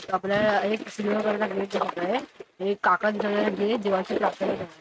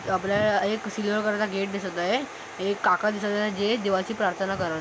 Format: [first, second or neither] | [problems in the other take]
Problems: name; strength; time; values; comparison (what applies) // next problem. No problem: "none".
second | noise reduction (neural mask model RNNoise)